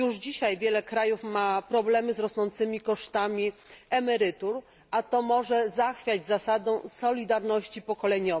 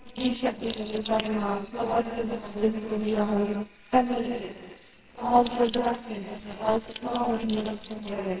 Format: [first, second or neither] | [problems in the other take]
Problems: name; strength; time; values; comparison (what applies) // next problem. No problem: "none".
first | noise reduction (neural separator model SepFormer WHAMR!)